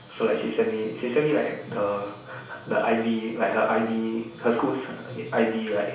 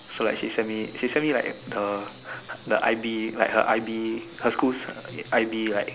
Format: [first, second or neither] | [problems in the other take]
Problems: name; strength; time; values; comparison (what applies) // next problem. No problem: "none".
second | room echo; dies away in 0.6 s